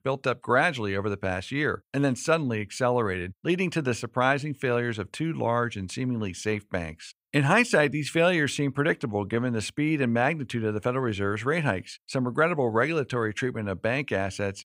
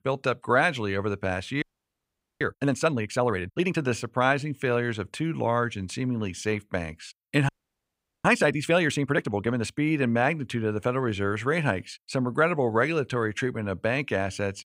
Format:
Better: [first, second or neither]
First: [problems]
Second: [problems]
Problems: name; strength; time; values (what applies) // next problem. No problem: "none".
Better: first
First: none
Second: audio freezing; at 1.5 s for 1 s and at 7.5 s for 1 s